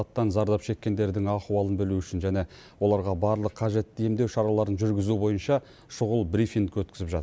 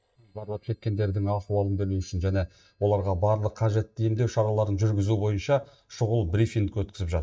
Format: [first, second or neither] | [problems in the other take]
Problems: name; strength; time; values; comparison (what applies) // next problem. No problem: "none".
first | noise reduction (neural mask model DeepFilterNet 3)